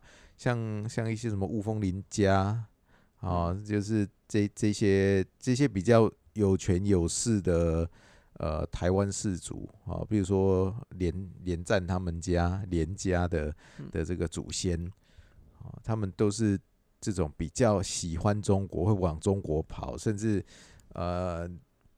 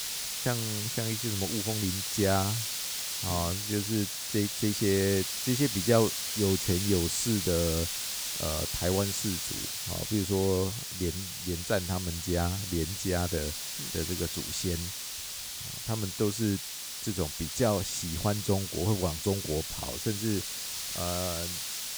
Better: first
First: none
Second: hiss; loud; throughout; 1 dB below the speech

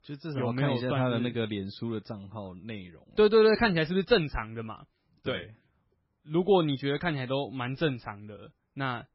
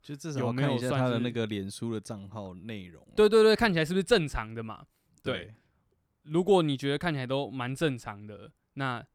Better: second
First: garbled, watery; badly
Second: none

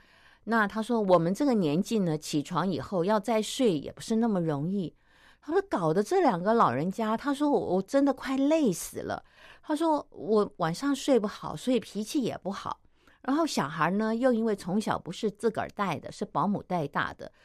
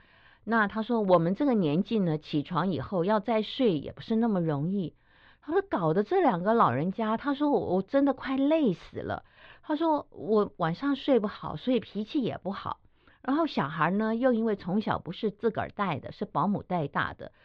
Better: first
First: none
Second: muffled; slightly; fading above 4 kHz

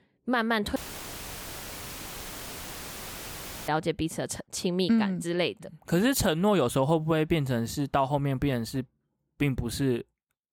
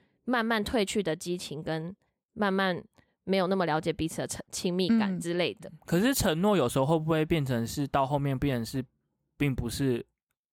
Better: second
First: audio cutting out; filled with static; at 1 s for 3 s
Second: none

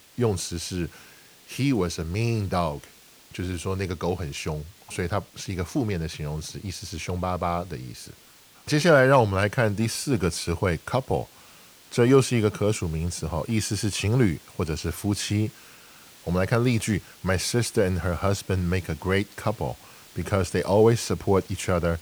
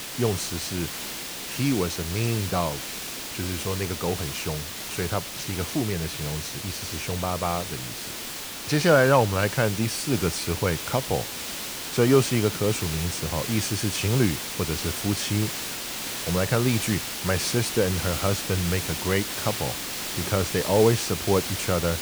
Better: first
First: hiss; faint; throughout; 25 dB below the speech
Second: hiss; loud; throughout; 5 dB below the speech

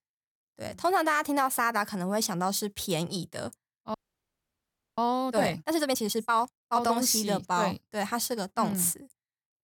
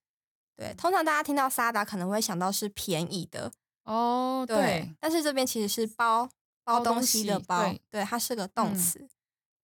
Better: second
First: audio freezing; at 4 s for 1 s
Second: none

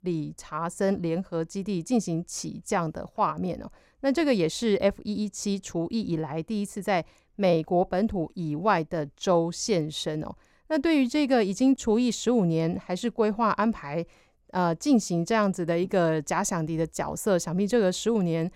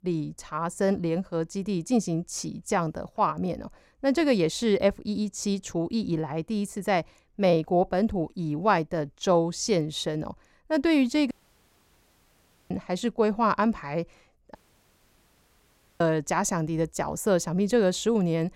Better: first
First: none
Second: audio cutting out; at 11 s for 1.5 s and at 15 s for 1.5 s

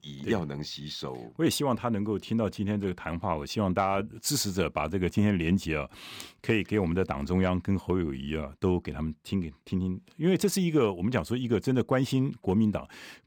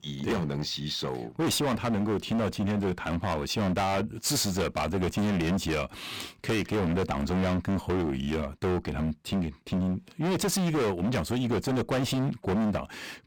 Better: first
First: none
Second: distortion; heavy; 25% of the sound clipped

